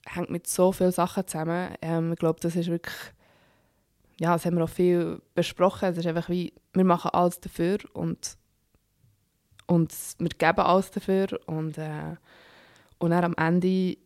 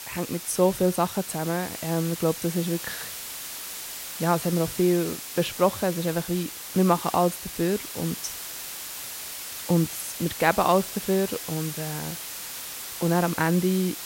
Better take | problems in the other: first | hiss; loud; throughout; 8 dB below the speech

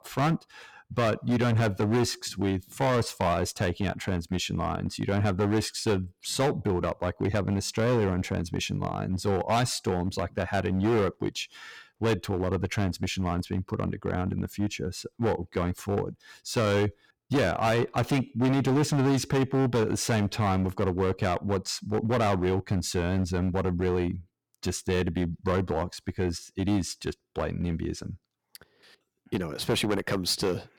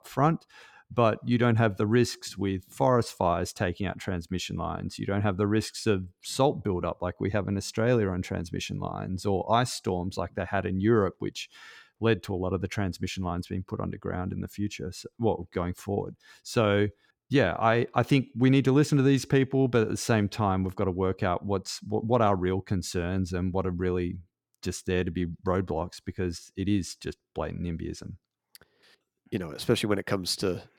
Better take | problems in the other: second | distortion; heavy; 10% of the sound clipped

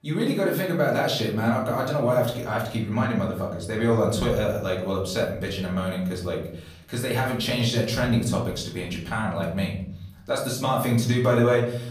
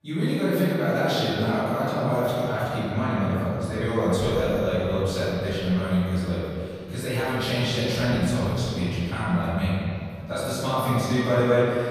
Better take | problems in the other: first | room echo; strong; dies away in 2.6 s; slight in the first // off-mic speech; far; far in the first

